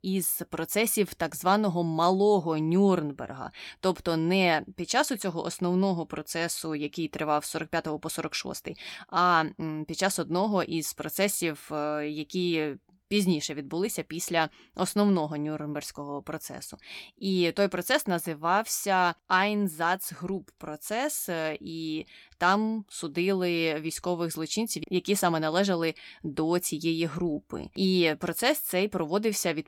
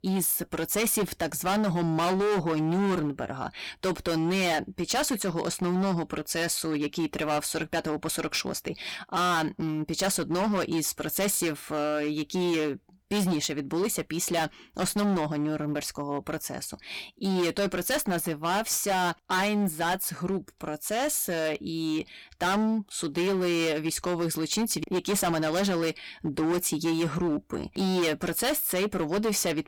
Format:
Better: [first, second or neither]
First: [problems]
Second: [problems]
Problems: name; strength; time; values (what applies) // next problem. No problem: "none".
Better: first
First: none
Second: distortion; heavy; 18% of the sound clipped